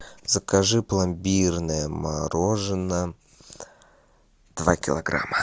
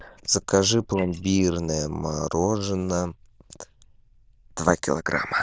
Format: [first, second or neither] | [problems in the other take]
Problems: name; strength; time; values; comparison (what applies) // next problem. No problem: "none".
first | noise reduction (neural diffusion model UNIVERSE++)